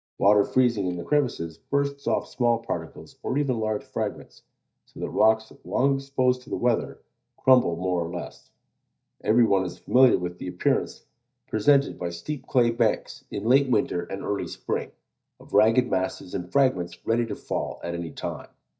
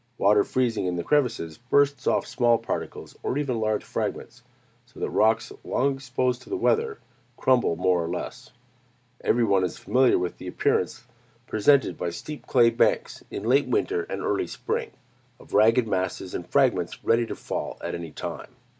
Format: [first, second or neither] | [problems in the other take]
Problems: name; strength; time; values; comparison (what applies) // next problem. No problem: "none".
second | noise reduction (neural mask model DeepFilterNet 3)